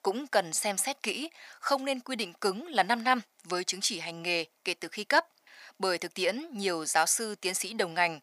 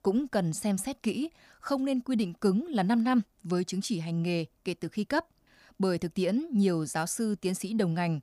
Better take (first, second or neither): second